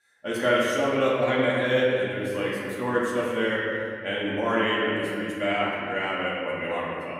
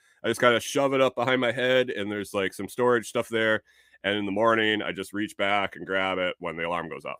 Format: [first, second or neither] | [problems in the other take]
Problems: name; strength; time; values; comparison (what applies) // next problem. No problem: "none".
second | room echo; strong; dies away in 2.3 s // off-mic speech; far